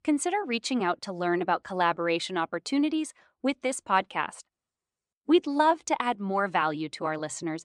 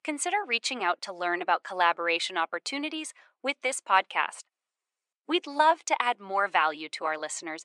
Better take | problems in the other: first | thin; somewhat; fading below 550 Hz

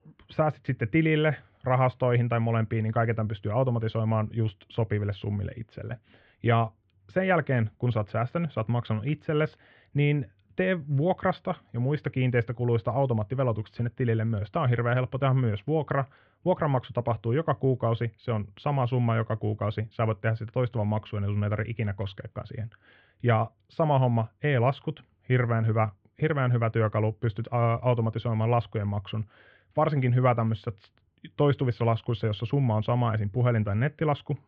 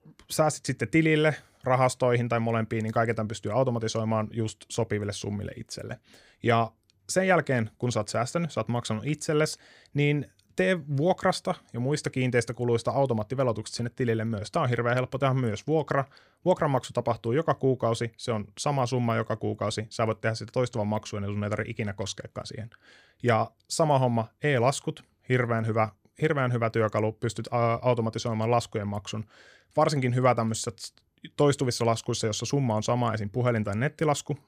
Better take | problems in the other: second | muffled; very; fading above 3 kHz

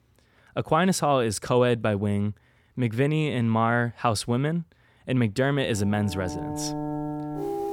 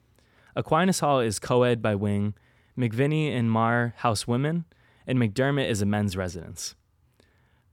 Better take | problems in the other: second | background music; loud; from 6 s on; 8 dB below the speech

